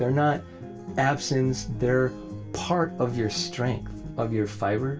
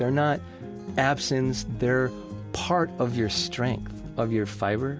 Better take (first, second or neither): second